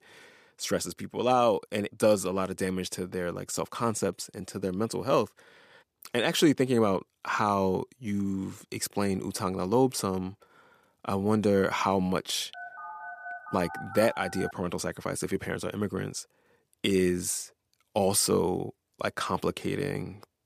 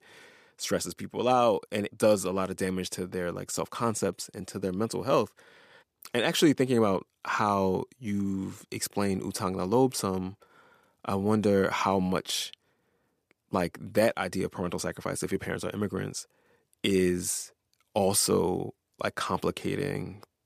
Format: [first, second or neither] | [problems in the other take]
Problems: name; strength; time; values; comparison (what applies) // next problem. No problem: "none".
second | phone ringing; noticeable; from 13 to 15 s; peak 10 dB below the speech